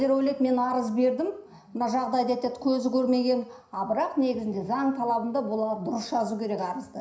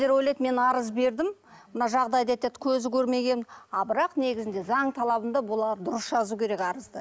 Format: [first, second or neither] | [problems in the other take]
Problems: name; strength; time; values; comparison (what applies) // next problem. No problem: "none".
second | room echo; dies away in 0.5 s